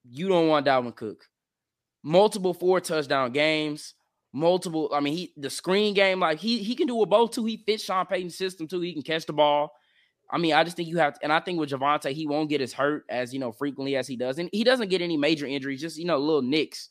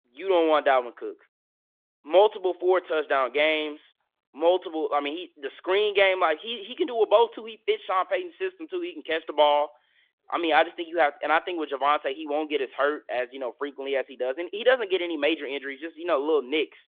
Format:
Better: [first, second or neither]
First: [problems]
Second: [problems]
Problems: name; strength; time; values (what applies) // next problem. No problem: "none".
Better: first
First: none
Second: phone-call audio; nothing above 3.5 kHz